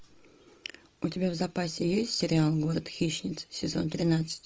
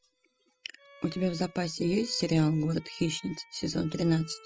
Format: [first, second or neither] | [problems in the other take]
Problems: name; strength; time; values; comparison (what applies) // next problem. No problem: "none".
first | noise reduction (classical method spectral subtraction)